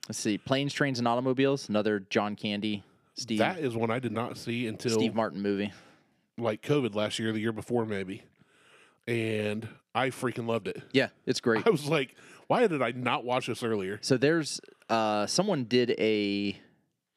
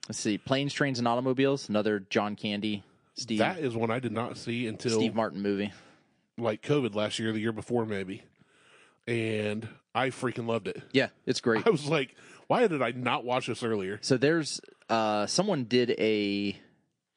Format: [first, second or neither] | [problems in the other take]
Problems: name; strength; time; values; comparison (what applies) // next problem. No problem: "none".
first | garbled, watery; slightly; nothing above 8.5 kHz